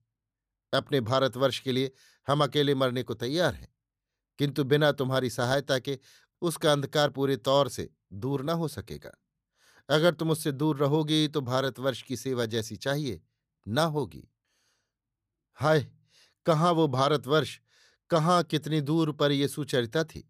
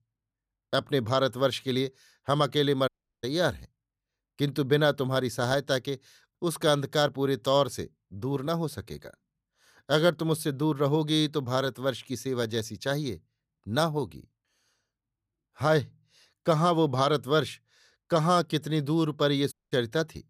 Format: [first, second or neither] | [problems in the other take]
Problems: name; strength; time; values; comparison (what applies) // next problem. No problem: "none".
first | audio cutting out; at 3 s and at 20 s